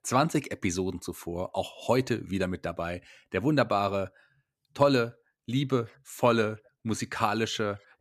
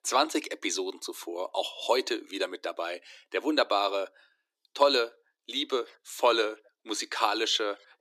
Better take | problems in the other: first | thin; somewhat; fading below 300 Hz

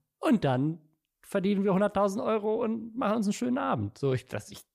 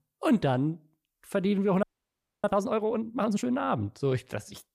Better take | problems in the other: first | audio freezing; at 2 s for 0.5 s

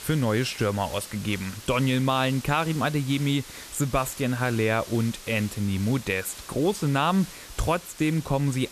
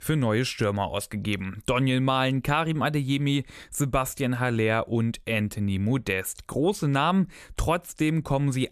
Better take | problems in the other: second | hiss; noticeable; throughout; 15 dB below the speech

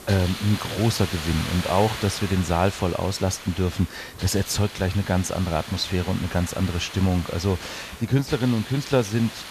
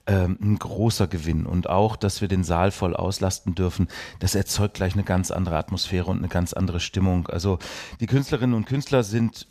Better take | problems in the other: second | hiss; noticeable; throughout; 10 dB below the speech

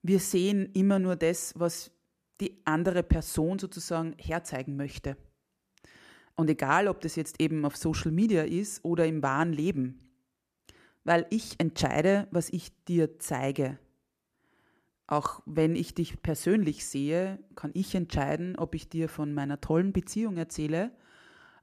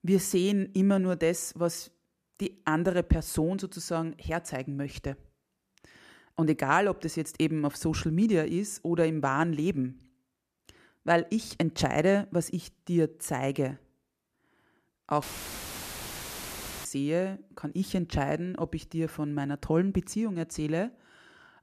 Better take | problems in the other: first | audio cutting out; filled with static; at 15 s for 1.5 s

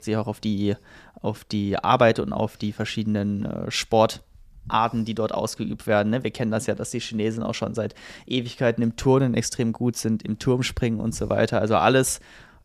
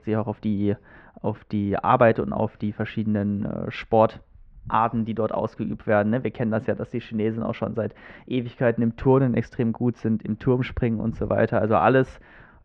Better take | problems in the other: first | muffled; very; fading above 2 kHz

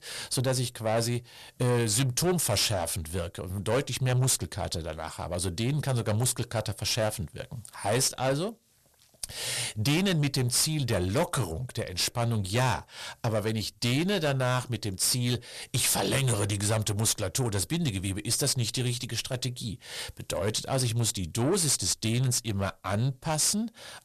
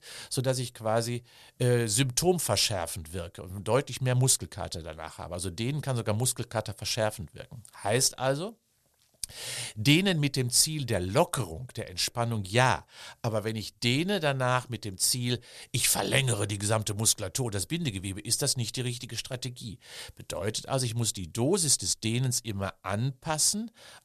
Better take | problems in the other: second | distortion; heavy; 8 dB below the speech

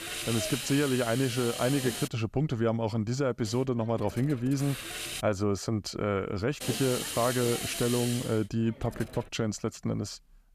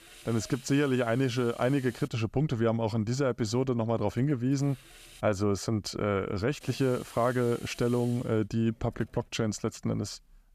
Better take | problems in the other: second | hiss; loud; until 2 s, from 3.5 to 5 s and from 6.5 to 9.5 s; 5 dB below the speech; faint in the second

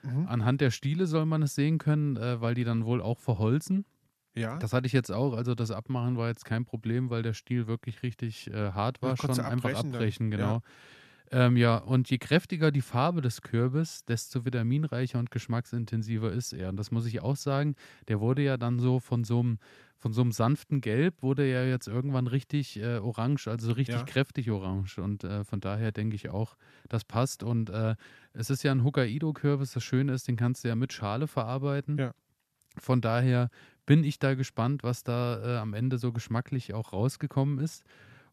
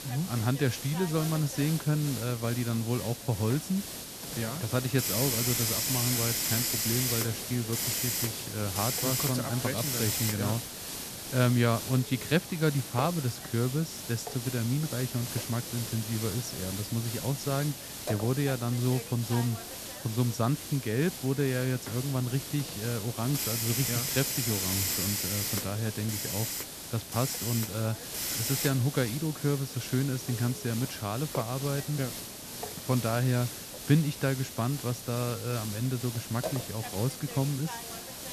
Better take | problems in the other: first | hiss; loud; throughout; 2 dB below the speech

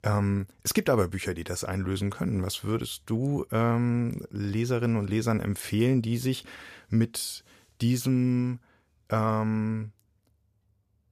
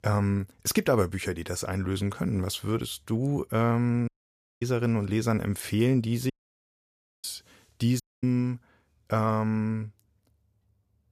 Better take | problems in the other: first | audio cutting out; at 4 s for 0.5 s, at 6.5 s for 1 s and at 8 s

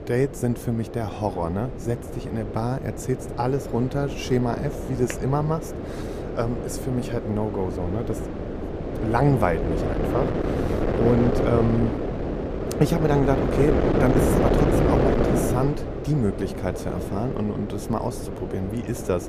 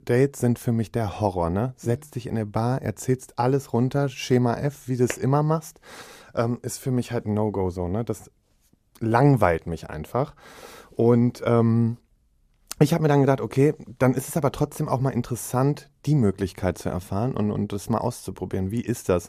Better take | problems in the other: second | wind noise on the microphone; heavy; 1 dB below the speech

